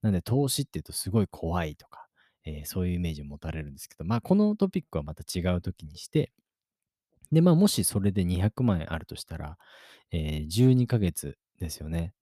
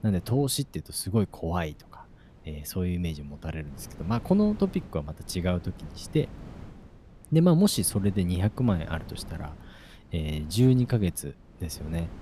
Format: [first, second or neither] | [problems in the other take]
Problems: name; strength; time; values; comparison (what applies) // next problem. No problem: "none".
first | wind noise on the microphone; occasional gusts; 20 dB below the speech